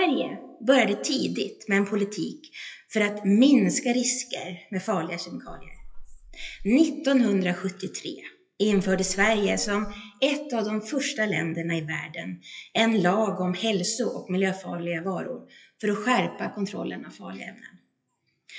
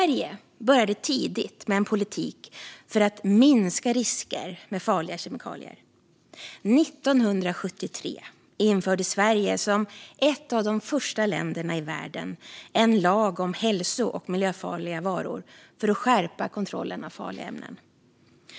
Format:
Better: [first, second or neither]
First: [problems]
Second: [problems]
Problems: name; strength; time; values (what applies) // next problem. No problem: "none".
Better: second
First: noise reduction (classical method WPE with log-MMSE)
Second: none